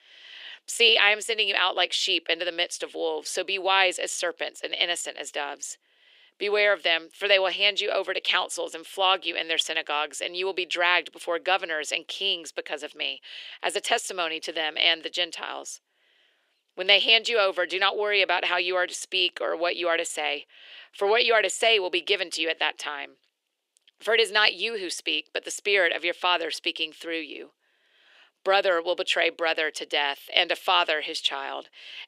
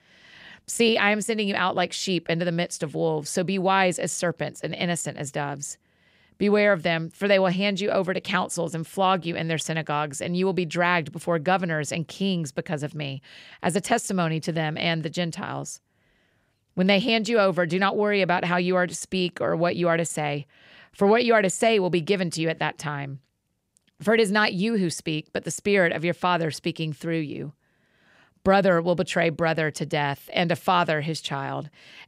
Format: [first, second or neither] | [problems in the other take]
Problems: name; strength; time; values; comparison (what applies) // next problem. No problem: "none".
second | thin; very; fading below 350 Hz